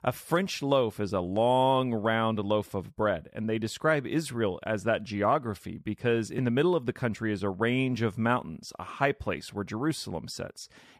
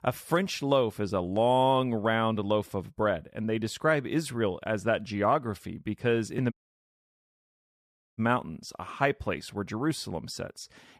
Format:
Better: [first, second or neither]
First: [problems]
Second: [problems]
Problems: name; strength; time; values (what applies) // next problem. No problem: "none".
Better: first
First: none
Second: audio cutting out; at 6.5 s for 1.5 s